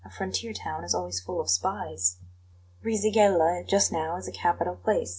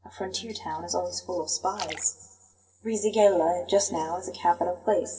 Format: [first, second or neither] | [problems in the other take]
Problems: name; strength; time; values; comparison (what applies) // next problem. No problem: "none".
first | noise reduction (neural separator model SepFormer DNS4)